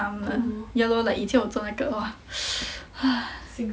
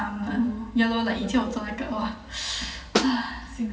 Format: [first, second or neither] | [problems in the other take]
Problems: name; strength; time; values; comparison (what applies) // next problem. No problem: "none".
first | background sound (Snare drum); as loud as the speech // room echo; dies away in 0.9 s